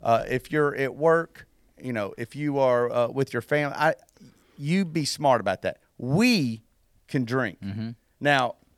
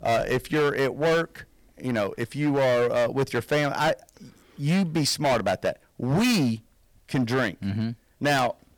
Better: first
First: none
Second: distortion; heavy; 15% of the sound clipped

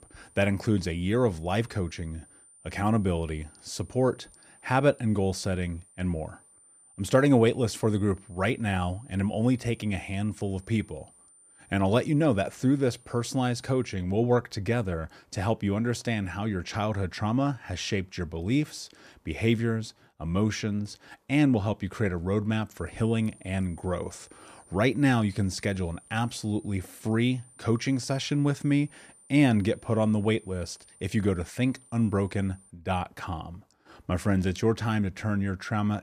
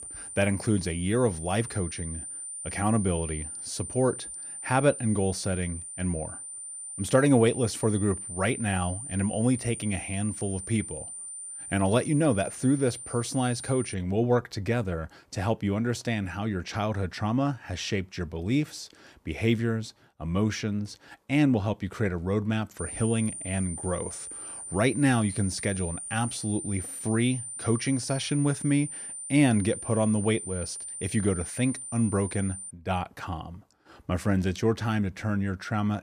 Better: first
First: high-pitched whine; faint; until 14 s and from 23 to 33 s; 9 kHz, 25 dB below the speech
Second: high-pitched whine; loud; until 14 s and from 23 to 33 s; 9 kHz, 8 dB below the speech

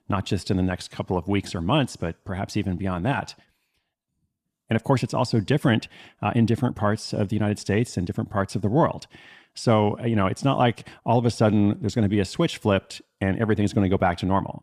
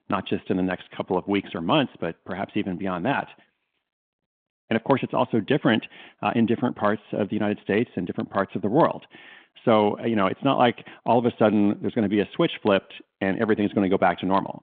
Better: first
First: none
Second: phone-call audio

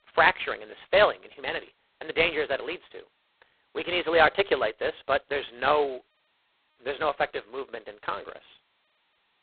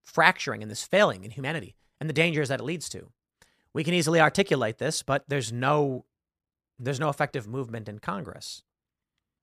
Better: second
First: phone-call audio; poor line; nothing above 4 kHz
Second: none

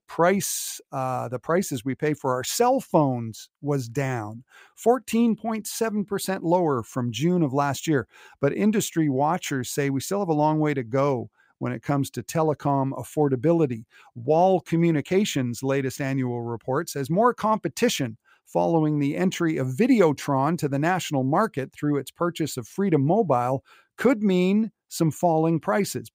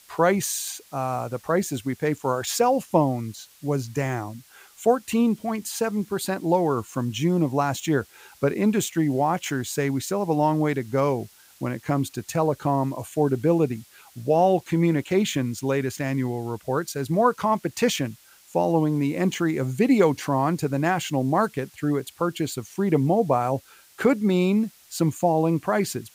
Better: first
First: none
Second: hiss; faint; throughout; 25 dB below the speech

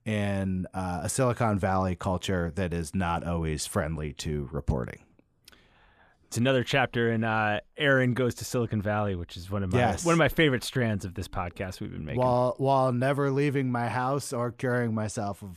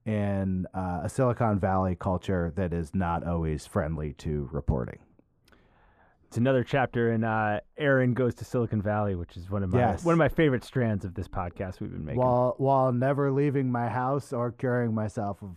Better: first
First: none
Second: muffled; slightly; fading above 2 kHz

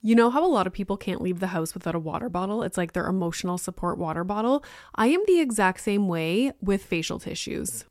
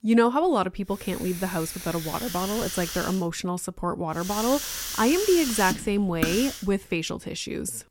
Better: first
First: none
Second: hiss; loud; from 1 to 3 s and from 4.5 to 6.5 s; 5 dB below the speech

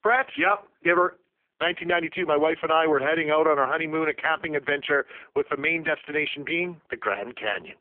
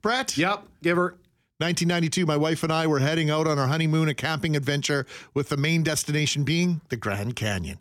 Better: second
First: phone-call audio; poor line; nothing above 3.5 kHz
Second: none

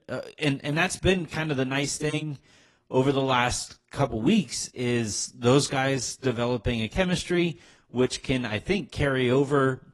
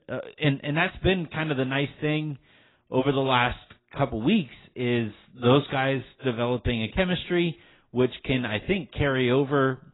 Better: first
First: garbled, watery; slightly; nothing above 11 kHz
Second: garbled, watery; badly; nothing above 4 kHz

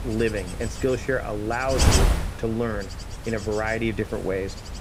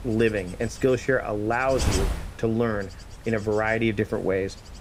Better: second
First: wind noise on the microphone; heavy; 4 dB below the speech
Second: wind noise on the microphone; occasional gusts; 15 dB below the speech

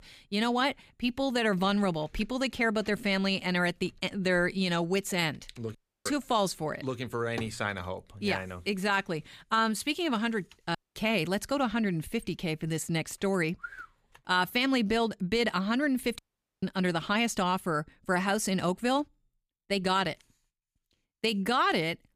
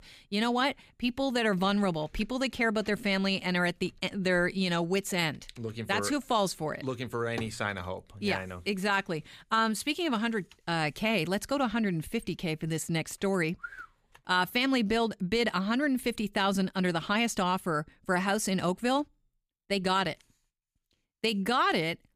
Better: second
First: audio cutting out; at 6 s, at 11 s and at 16 s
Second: none

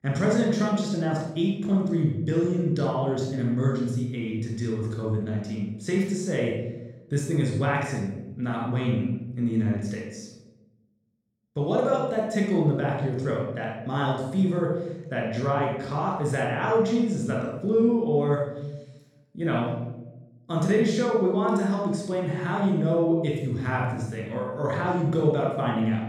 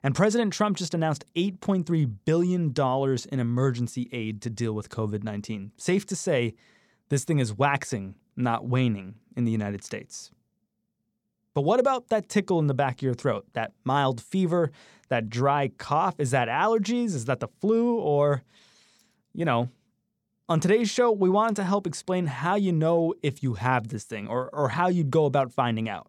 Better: second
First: off-mic speech; far // room echo; noticeable; dies away in 0.9 s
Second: none

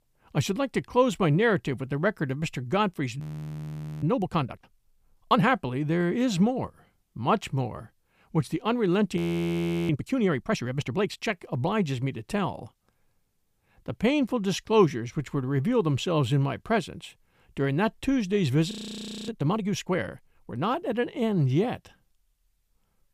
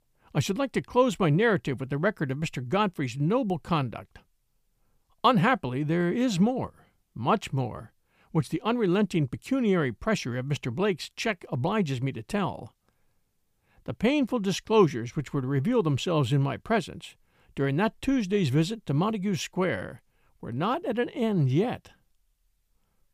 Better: second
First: audio freezing; at 3 s for 1 s, at 9 s for 0.5 s and at 19 s for 0.5 s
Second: none

